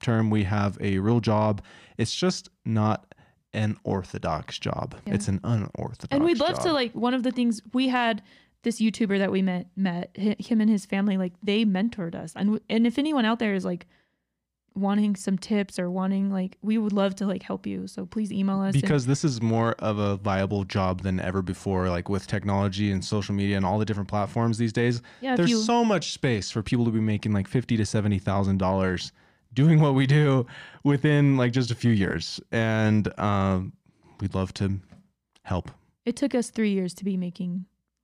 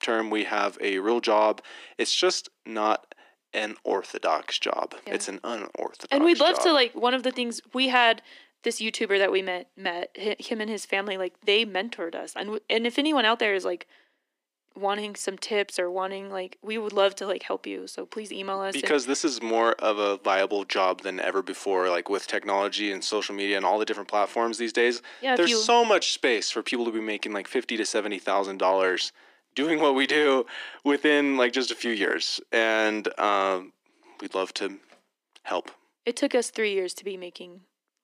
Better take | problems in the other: first | thin; very; fading below 300 Hz

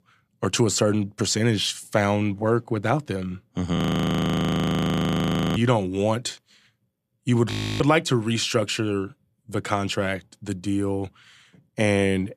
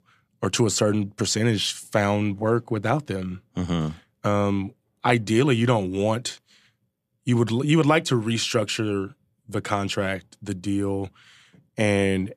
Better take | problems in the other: second | audio freezing; at 4 s for 2 s and at 7.5 s

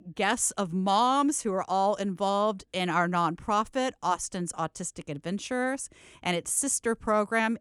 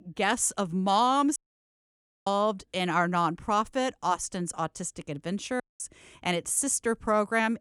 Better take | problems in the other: first | audio cutting out; at 1.5 s for 1 s and at 5.5 s

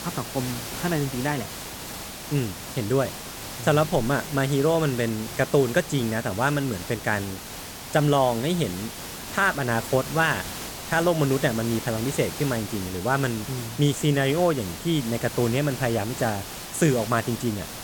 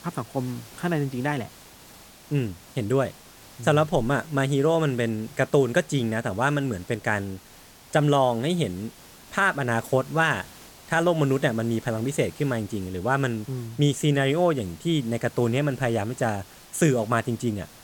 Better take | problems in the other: second | hiss; loud; throughout; 9 dB below the speech; faint in the second

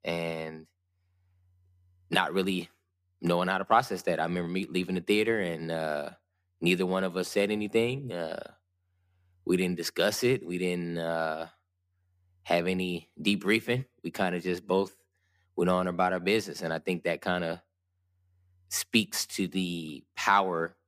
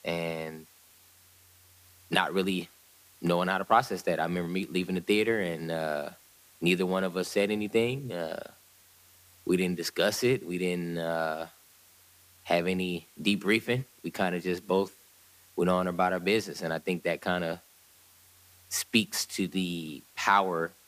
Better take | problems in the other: first | hiss; faint; throughout; 25 dB below the speech

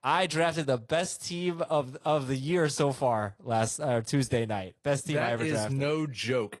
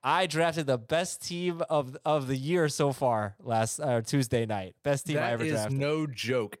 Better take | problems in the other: second | garbled, watery; slightly

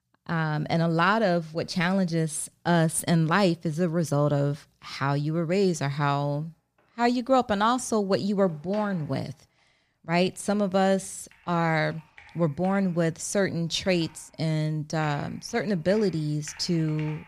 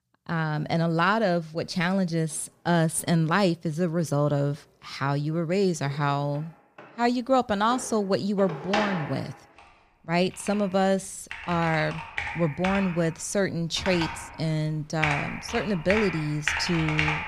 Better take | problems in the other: first | household noises; loud; throughout; 6 dB below the speech; faint in the first

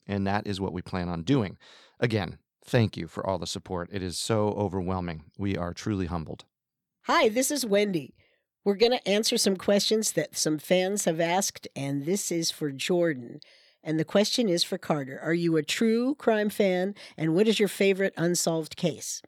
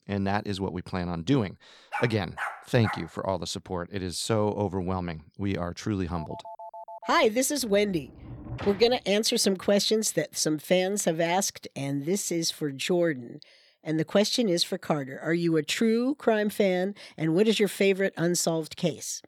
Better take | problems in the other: first | dog barking; noticeable; from 2 to 3 s; peak 8 dB below the speech // phone ringing; faint; at 6 s; peak 15 dB below the speech // door banging; faint; from 7.5 to 9 s; peak 10 dB below the speech

